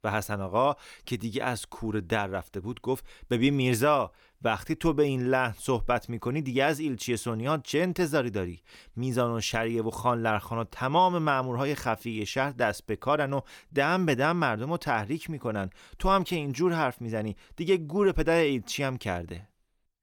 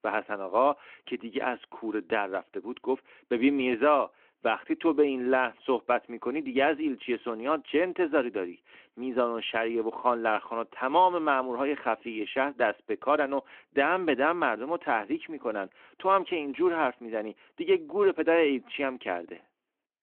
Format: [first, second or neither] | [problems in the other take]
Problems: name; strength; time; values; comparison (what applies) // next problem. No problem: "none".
first | phone-call audio